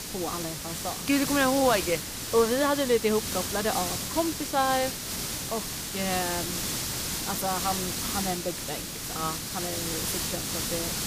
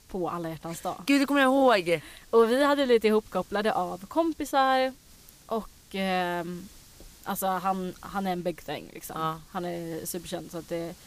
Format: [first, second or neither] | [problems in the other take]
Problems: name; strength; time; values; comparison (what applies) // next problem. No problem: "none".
second | hiss; loud; throughout; 1 dB below the speech; faint in the second